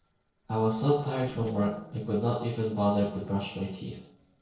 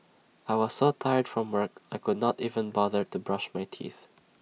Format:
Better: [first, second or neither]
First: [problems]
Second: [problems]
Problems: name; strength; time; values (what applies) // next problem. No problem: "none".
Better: second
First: noise reduction (neural separator model SepFormer DNS4)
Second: none